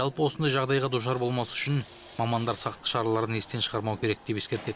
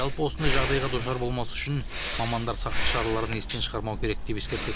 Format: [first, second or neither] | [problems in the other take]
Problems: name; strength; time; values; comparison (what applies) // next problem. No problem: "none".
first | background sound (Breathing + Tambourine); 1 dB above the speech